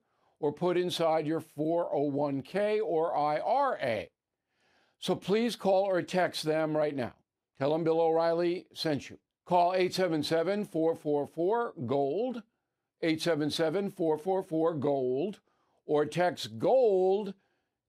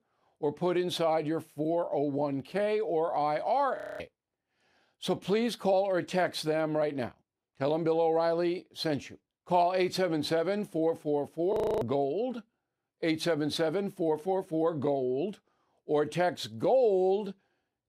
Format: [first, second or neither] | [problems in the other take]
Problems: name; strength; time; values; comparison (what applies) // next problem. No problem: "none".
first | audio freezing; at 4 s and at 12 s